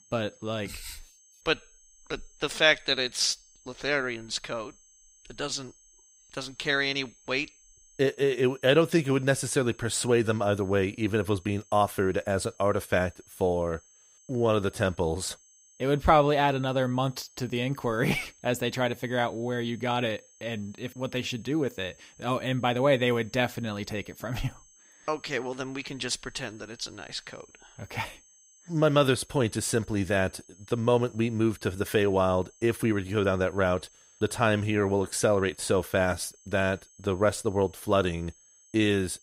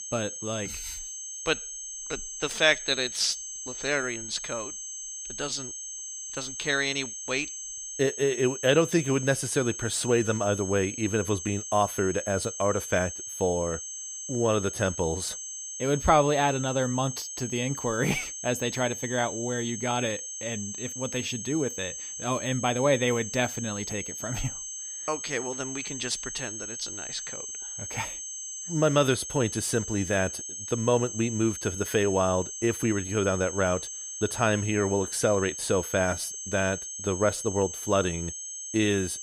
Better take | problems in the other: first | high-pitched whine; loud; throughout; 6.5 kHz, 7 dB below the speech; faint in the first

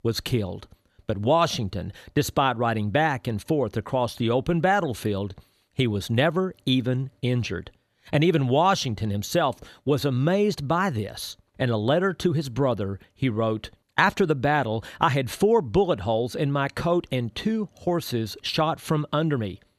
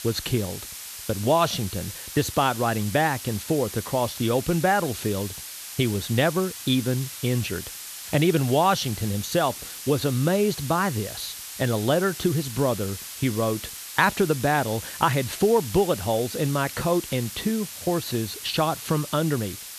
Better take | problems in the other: first | hiss; loud; throughout; 10 dB below the speech

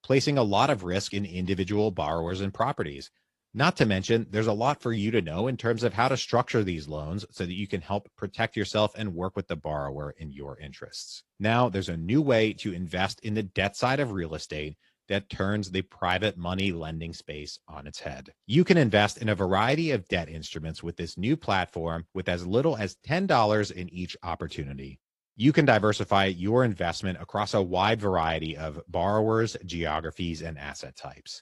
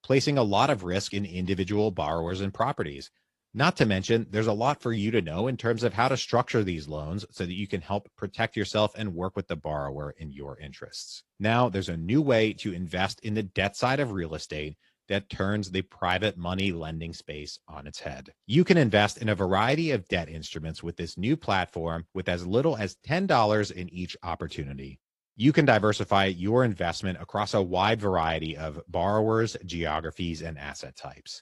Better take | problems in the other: neither | garbled, watery; slightly; the same in both

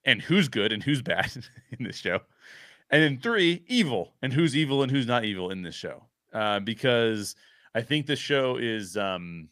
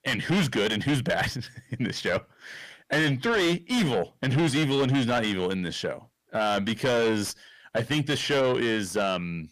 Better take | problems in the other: first | distortion; heavy; 6 dB below the speech

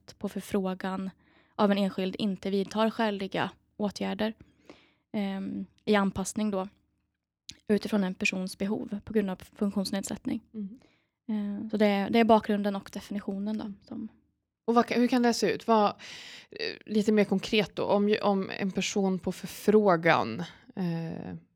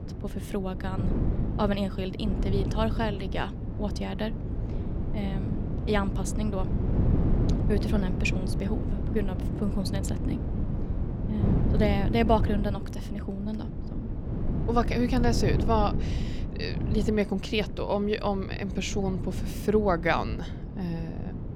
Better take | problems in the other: first | wind noise on the microphone; heavy; 9 dB below the speech

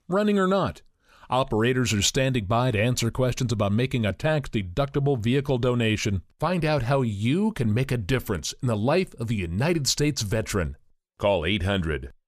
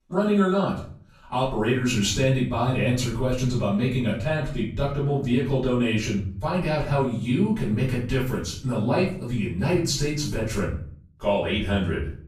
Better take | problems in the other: first | off-mic speech; far // room echo; noticeable; dies away in 0.4 s

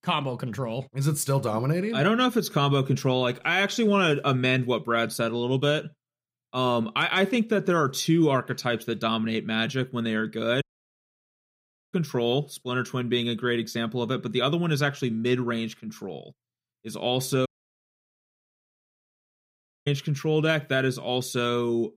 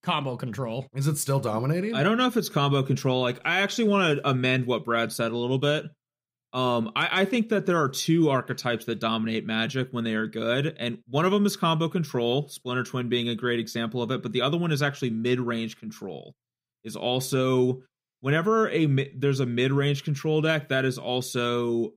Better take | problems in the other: second | audio cutting out; at 11 s for 1.5 s and at 17 s for 2.5 s

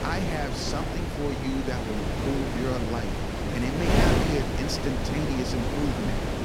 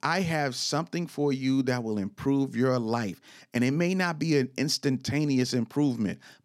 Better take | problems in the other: second | wind noise on the microphone; heavy; 3 dB above the speech

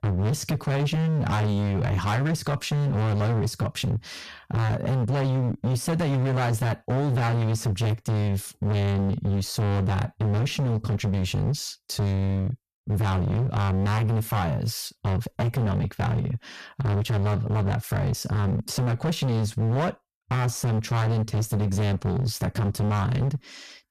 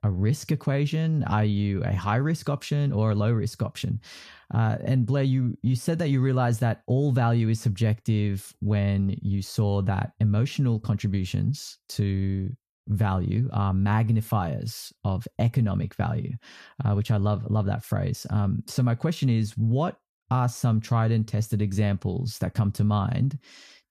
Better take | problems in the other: second | distortion; heavy; 34% of the sound clipped

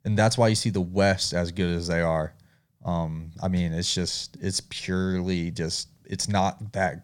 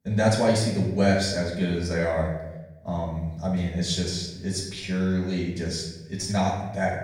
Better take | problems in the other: first | room echo; noticeable; dies away in 0.8 s // off-mic speech; far

